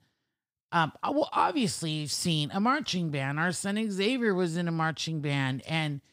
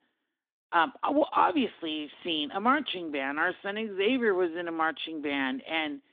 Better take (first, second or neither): first